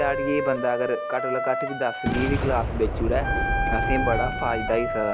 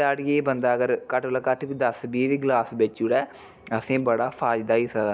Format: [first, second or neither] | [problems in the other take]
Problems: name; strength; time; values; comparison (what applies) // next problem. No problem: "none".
second | background sound (Wind instrument, woodwind instrument + Boom); as loud as the speech